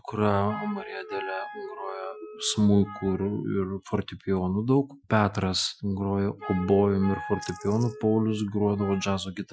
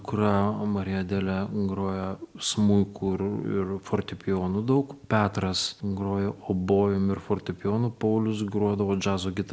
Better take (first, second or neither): second